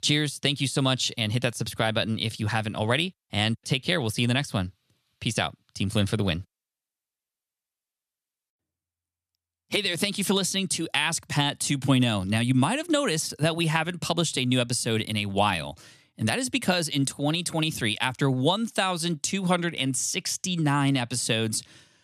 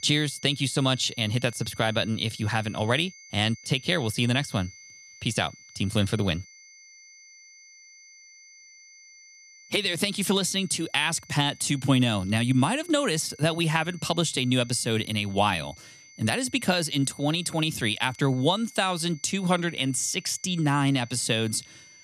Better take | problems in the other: first | high-pitched whine; faint; throughout; 2 kHz, 20 dB below the speech

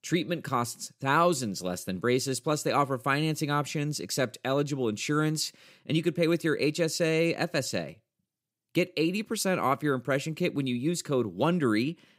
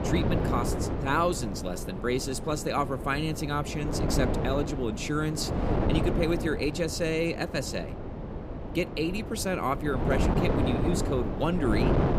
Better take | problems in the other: first | wind noise on the microphone; heavy; 4 dB below the speech

